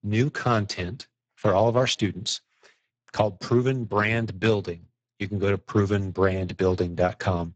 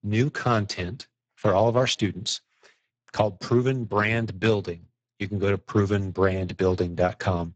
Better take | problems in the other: neither | garbled, watery; badly; nothing above 7.5 kHz; the same in both

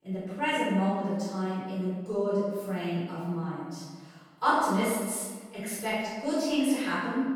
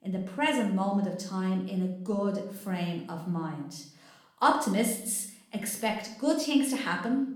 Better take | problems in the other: second | room echo; strong; dies away in 1.4 s; slight in the second // off-mic speech; far; somewhat distant in the second

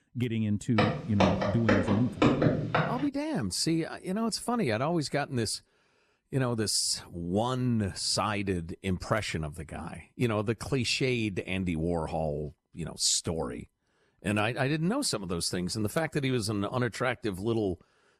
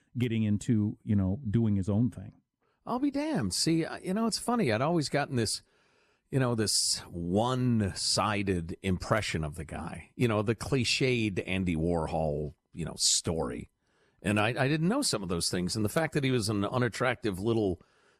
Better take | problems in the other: second | footsteps; loud; from 1 to 3 s; peak 6 dB above the speech

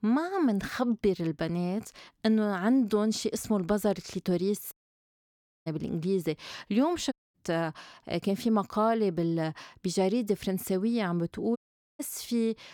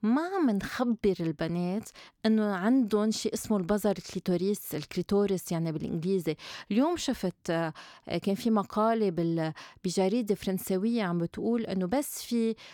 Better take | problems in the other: second | audio cutting out; at 4.5 s for 1 s, at 7 s and at 12 s

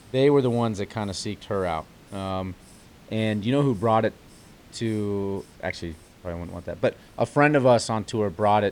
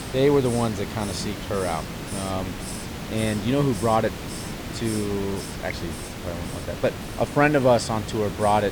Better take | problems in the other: first | hiss; loud; throughout; 8 dB below the speech; faint in the first

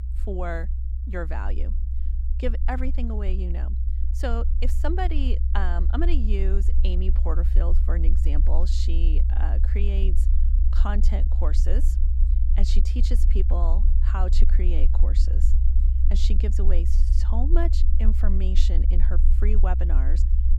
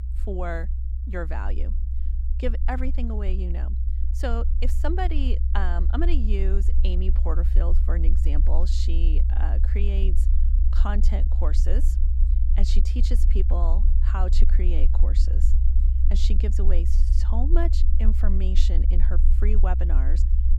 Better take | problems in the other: neither | low rumble; loud; throughout; 9 dB below the speech; the same in both

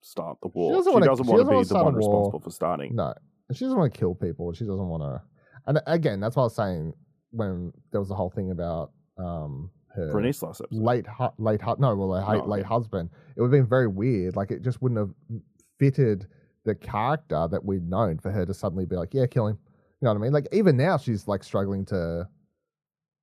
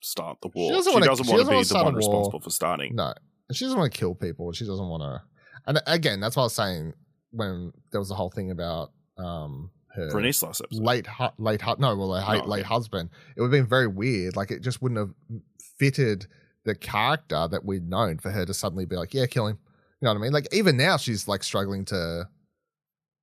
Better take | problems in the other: second | muffled; very; fading above 1.5 kHz

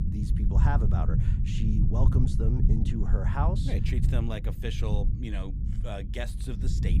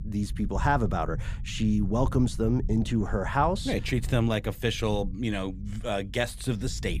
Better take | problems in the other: second | low rumble; loud; throughout; 4 dB below the speech; faint in the second

